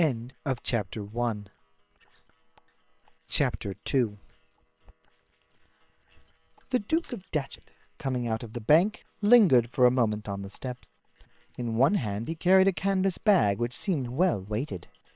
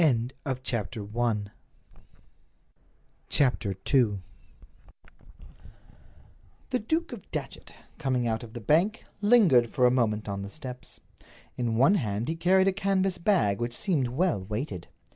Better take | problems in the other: second | noise reduction (neural separator model SepFormer WHAM!)

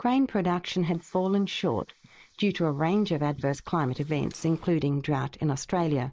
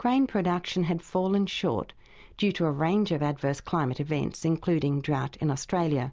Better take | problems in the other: second | noise reduction (neural mask model Resemble Enhance denoiser)

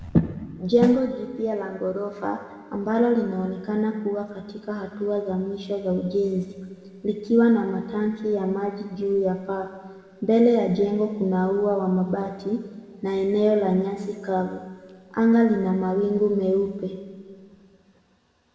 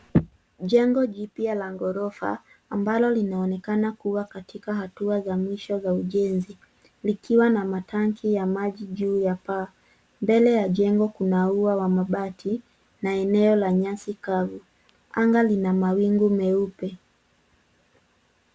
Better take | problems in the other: second | background sound (Snare drum); 12 dB below the speech // room echo; dies away in 2.1 s

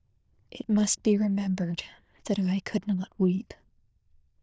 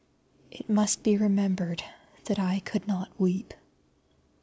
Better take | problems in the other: second | noise reduction (neural diffusion model UNIVERSE++)

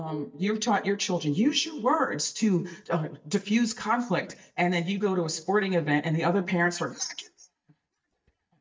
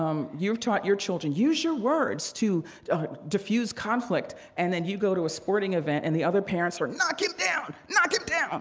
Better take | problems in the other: second | noise reduction (neural mask model DeepFilterNet 3)

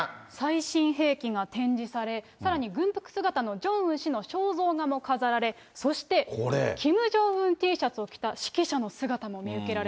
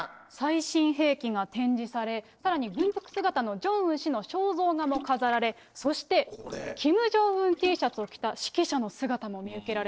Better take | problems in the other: first | noise reduction (neural separator model SepFormer DNS4)

